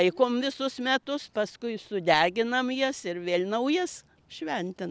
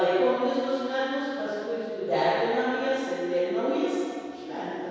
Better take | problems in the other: first | room echo; dies away in 2.2 s

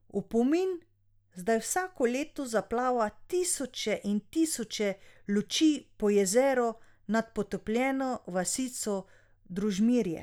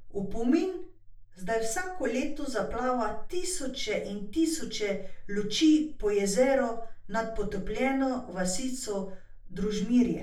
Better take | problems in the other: first | room echo; dies away in 0.3 s

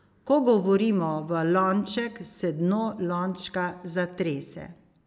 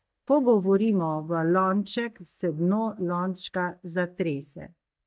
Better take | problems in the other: first | noise reduction (neural mask model DeepFilterNet 3)

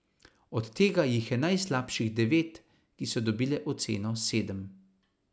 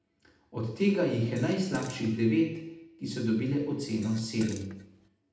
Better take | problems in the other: first | background sound (Fart); 16 dB below the speech // room echo; dies away in 0.8 s

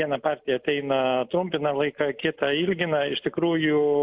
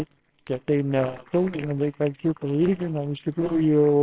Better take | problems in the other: first | noise reduction (neural separator model SepFormer WHAMR!)

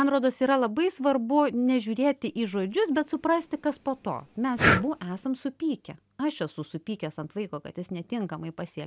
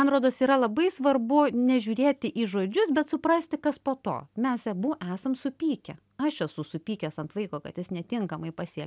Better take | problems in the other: second | background sound (Breathing); 3 dB below the speech

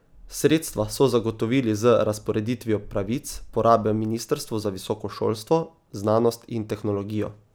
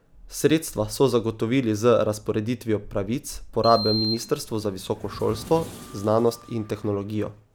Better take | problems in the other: first | background sound (Sliding door); 12 dB below the speech

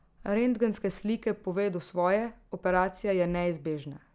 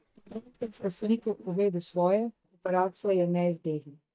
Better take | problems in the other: first | noise reduction (neural mask model DeepFilterNet 3)

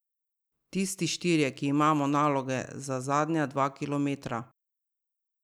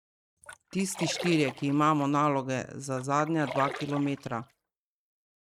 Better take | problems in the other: first | noise reduction (neural mask model RNNoise)

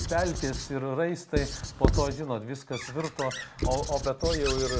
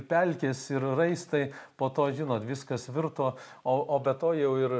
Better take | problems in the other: second | background sound (Squeak / Writing); 1 dB below the speech

